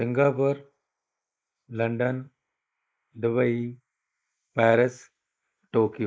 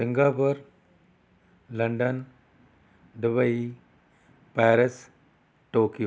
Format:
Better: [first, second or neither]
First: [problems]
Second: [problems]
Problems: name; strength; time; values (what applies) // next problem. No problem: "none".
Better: second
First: noise reduction (neural mask model Resemble Enhance denoiser)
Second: none